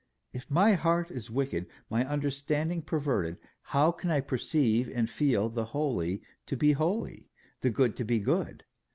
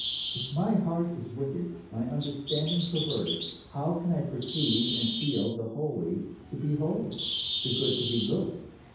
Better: first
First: none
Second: background sound (Bird); 6 dB below the speech // room echo; dies away in 0.9 s

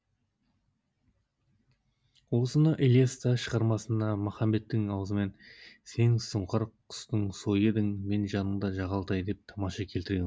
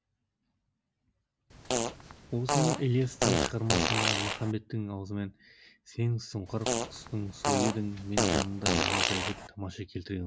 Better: first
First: none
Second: background sound (Fart); 3 dB above the speech

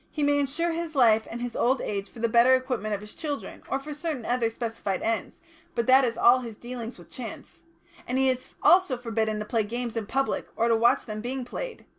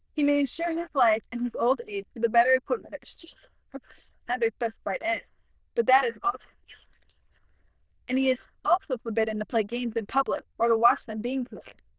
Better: first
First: none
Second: noise reduction (neural diffusion model UNIVERSE++)

